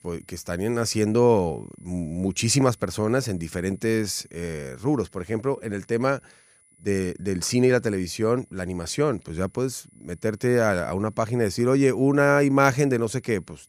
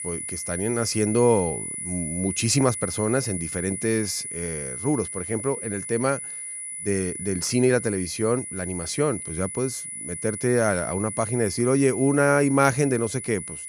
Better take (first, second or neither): first